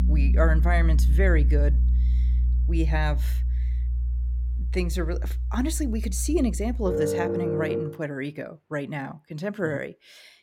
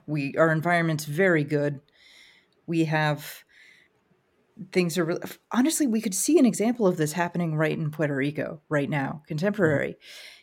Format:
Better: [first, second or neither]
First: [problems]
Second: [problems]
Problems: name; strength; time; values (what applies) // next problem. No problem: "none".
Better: second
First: background music; very loud; until 8 s; 5 dB above the speech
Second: none